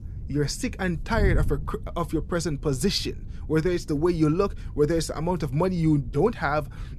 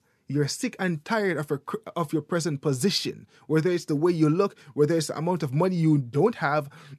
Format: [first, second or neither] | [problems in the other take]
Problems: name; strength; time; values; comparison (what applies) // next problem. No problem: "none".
second | wind noise on the microphone; occasional gusts; 20 dB below the speech